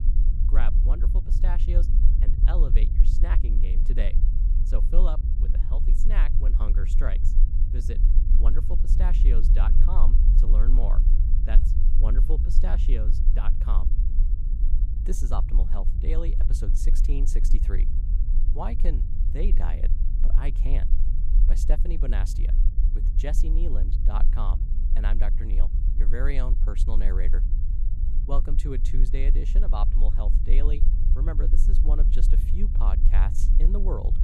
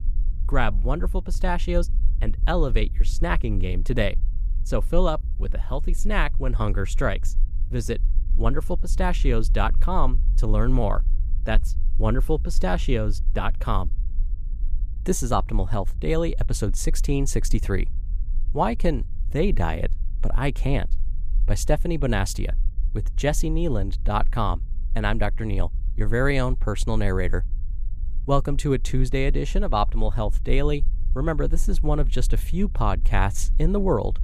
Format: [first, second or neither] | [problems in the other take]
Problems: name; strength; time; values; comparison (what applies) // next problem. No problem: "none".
second | low rumble; loud; throughout; 7 dB below the speech; faint in the second